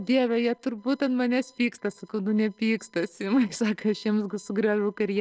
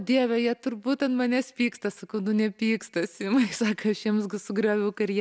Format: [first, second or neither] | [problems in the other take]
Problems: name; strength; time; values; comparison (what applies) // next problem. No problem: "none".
second | noise reduction (neural separator model SepFormer DNS4)